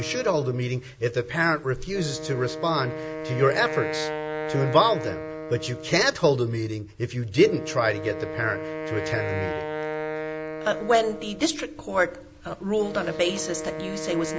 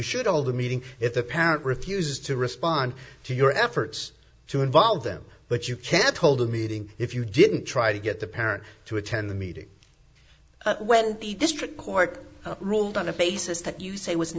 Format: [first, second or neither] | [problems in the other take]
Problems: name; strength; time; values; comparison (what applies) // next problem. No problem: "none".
second | background sound (Wind instrument, woodwind instrument); 8 dB below the speech